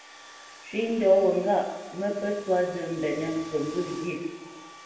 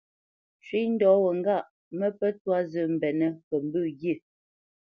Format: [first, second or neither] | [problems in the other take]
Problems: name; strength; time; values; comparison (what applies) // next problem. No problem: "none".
second | background sound (Domestic sounds, home sounds); 18 dB below the speech // room echo; dies away in 1.3 s